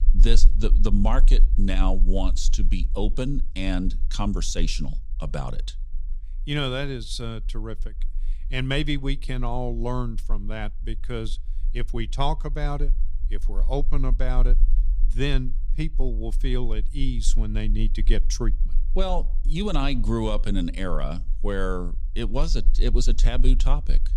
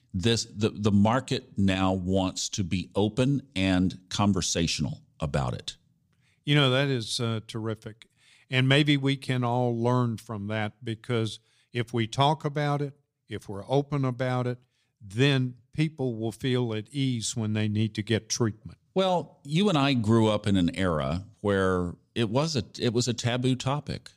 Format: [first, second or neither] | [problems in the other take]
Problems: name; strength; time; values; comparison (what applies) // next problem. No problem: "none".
second | low rumble; faint; throughout; 25 dB below the speech